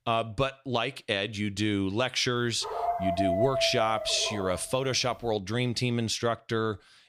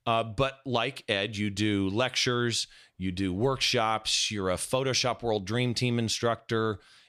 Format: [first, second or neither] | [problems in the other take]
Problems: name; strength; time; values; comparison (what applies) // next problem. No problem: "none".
second | dog barking; loud; from 2.5 to 4.5 s; peak 1 dB above the speech